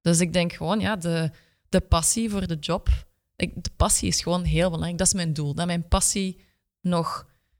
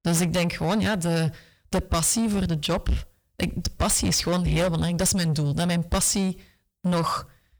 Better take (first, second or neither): first